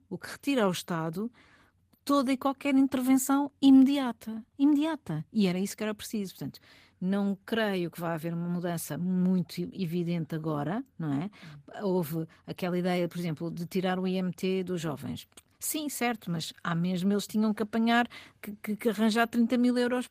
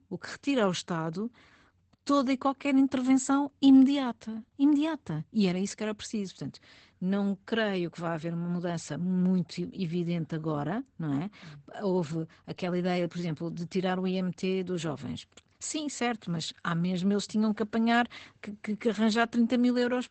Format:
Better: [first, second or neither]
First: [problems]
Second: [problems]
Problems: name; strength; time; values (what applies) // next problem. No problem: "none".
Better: first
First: garbled, watery; slightly; nothing above 15 kHz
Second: garbled, watery; badly; nothing above 8 kHz